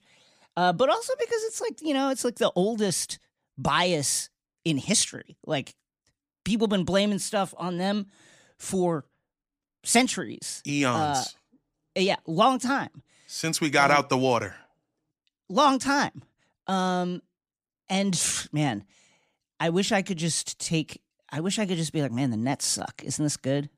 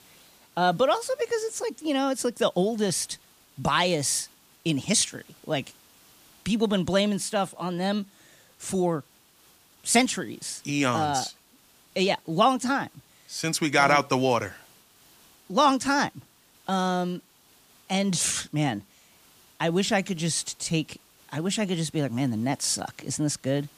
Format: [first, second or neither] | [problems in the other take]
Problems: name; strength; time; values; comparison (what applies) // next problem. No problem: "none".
first | hiss; faint; throughout; 30 dB below the speech